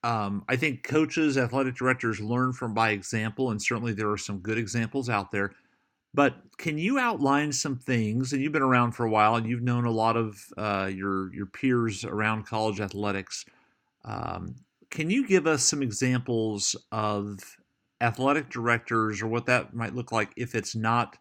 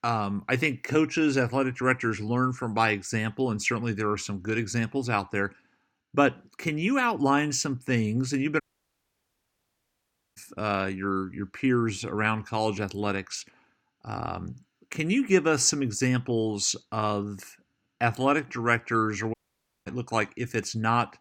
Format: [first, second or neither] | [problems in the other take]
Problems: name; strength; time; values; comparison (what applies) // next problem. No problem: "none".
first | audio cutting out; at 8.5 s for 2 s and at 19 s for 0.5 s